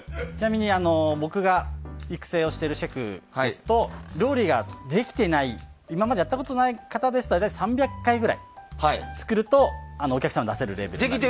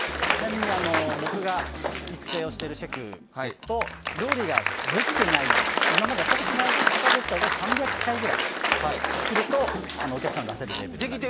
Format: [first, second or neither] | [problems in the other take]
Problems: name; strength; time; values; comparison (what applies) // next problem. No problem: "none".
first | background sound (Applause); 4 dB above the speech